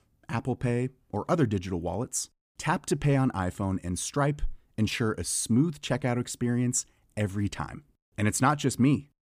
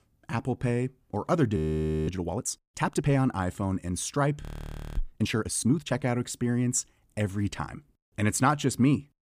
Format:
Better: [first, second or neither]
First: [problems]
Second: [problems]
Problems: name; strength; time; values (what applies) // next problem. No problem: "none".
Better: first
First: none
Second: audio freezing; at 1.5 s for 0.5 s and at 4.5 s for 0.5 s